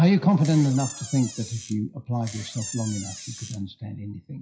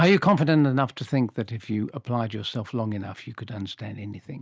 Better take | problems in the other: second | noise reduction (classical method WPE with log-MMSE)

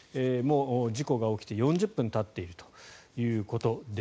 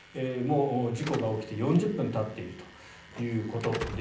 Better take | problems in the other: first | background sound (Slam / Alarm); 14 dB below the speech // room echo; dies away in 0.6 s

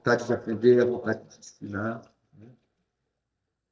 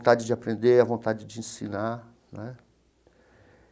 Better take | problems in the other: second | noise reduction (neural mask model DeepFilterNet 3)

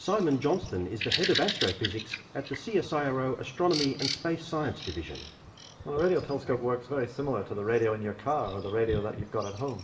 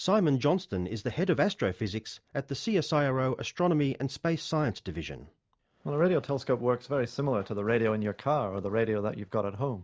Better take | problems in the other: second | background sound (Bird vocalization, bird call, bird song); 9 dB below the speech // room echo; dies away in 1.6 s

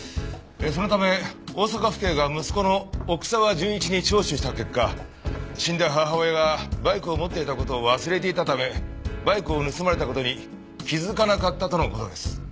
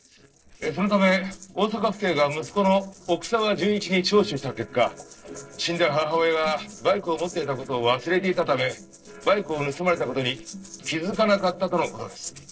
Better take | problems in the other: first | noise reduction (neural separator model SepFormer DNS4)

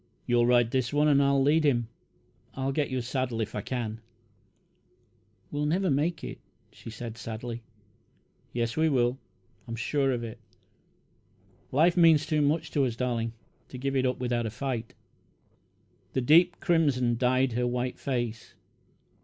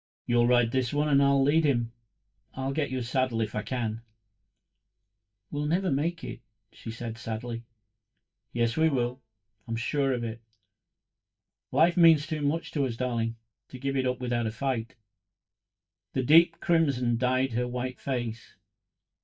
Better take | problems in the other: first | noise reduction (neural mask model DeepFilterNet 3)

